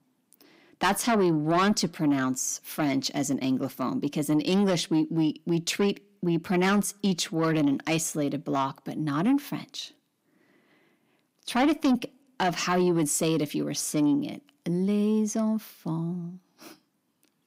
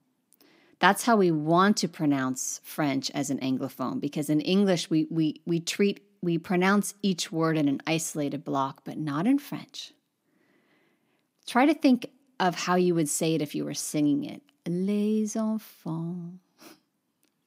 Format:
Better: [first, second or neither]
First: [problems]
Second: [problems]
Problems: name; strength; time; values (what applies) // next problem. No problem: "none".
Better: second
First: distortion; slight; 10 dB below the speech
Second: none